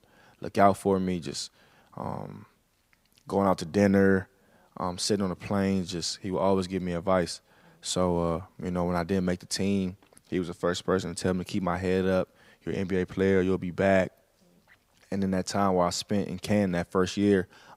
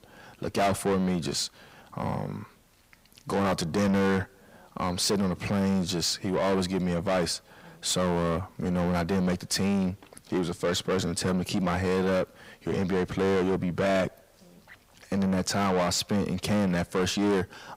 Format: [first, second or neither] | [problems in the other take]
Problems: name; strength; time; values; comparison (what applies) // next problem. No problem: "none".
first | distortion; heavy; 6 dB below the speech